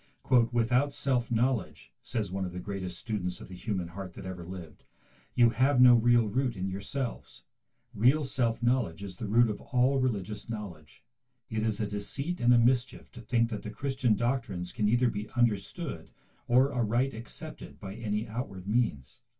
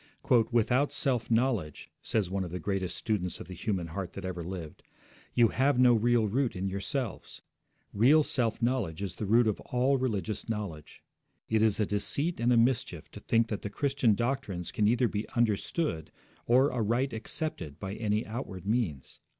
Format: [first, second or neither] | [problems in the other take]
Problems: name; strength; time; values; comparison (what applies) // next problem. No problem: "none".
second | room echo; dies away in 0.1 s